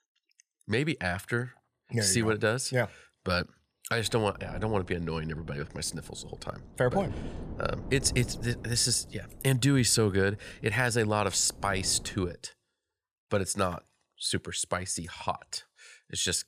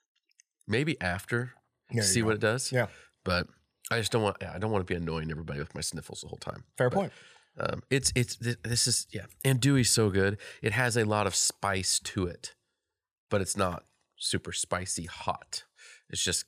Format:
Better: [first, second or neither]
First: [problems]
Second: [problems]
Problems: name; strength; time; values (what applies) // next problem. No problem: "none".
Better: second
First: wind noise on the microphone; occasional gusts; from 4 to 12 s; 20 dB below the speech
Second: none